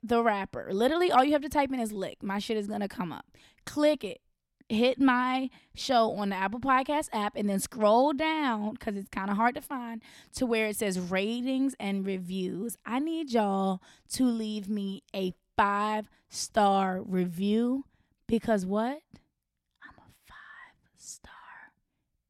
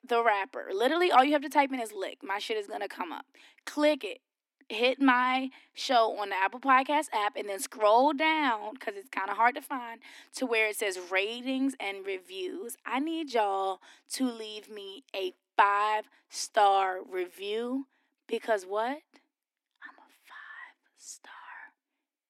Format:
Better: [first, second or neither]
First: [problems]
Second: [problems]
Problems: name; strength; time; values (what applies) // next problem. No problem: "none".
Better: first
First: none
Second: thin; very slightly; fading below 250 Hz